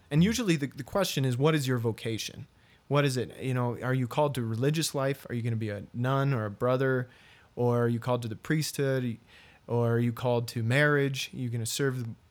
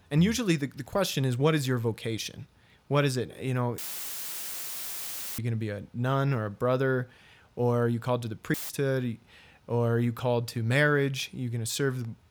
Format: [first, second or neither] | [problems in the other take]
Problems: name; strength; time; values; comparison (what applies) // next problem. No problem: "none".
first | audio cutting out; filled with static; at 4 s for 1.5 s and at 8.5 s